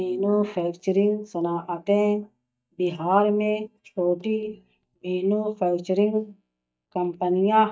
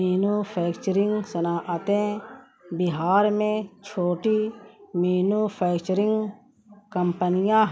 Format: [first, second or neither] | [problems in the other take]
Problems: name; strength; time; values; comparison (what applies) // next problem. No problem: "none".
second | noise reduction (neural mask model DeepFilterNet 3)